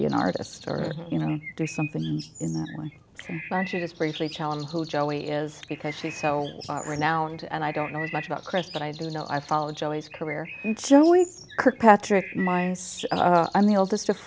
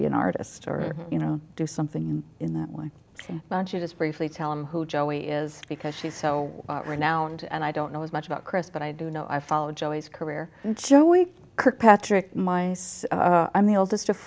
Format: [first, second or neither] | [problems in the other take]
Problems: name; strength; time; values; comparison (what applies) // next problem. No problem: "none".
second | background sound (Bird); 17 dB below the speech